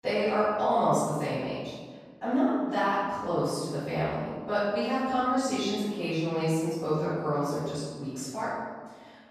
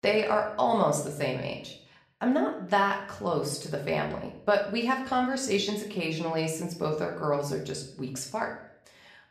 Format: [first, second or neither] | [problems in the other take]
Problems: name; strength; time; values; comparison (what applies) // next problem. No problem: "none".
second | room echo; strong; dies away in 1.4 s; slight in the second // off-mic speech; far; somewhat distant in the second